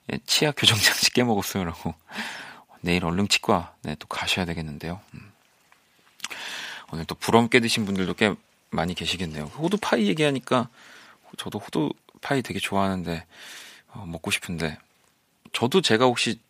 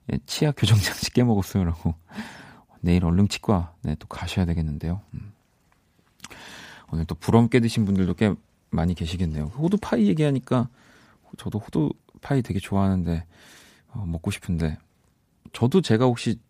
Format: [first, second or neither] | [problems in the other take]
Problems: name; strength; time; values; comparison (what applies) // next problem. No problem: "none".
second | thin; somewhat; fading below 700 Hz